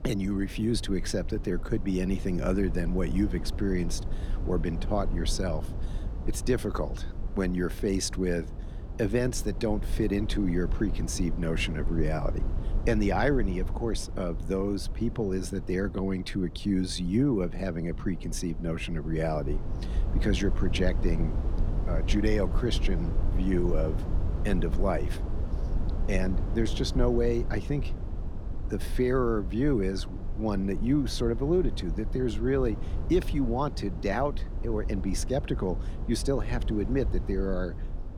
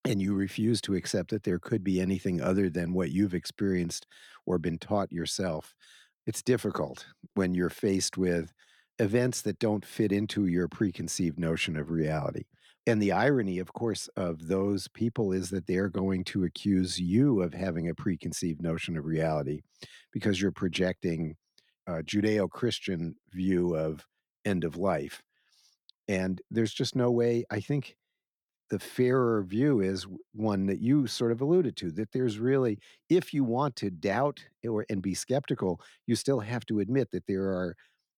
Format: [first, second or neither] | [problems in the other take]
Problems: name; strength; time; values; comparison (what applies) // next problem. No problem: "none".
second | low rumble; noticeable; throughout; 15 dB below the speech